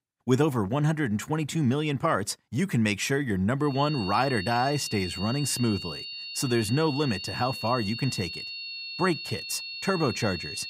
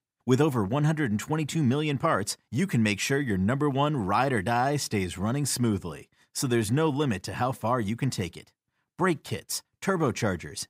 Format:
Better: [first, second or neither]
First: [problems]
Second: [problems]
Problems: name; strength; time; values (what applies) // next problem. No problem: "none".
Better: second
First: high-pitched whine; loud; from 3.5 s on; 4.5 kHz, 7 dB below the speech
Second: none